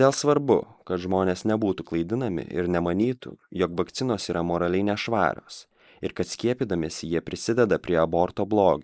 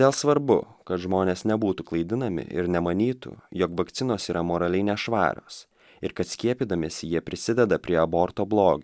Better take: second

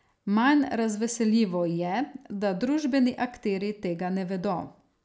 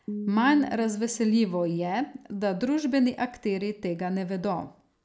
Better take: first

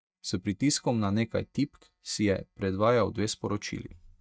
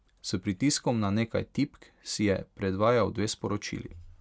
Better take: second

